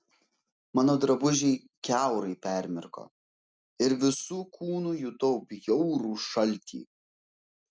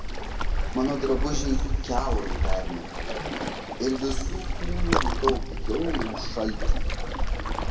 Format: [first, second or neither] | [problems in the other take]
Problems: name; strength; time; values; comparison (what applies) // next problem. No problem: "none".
first | background sound (Waves, surf); 5 dB above the speech // room echo; dies away in 1.6 s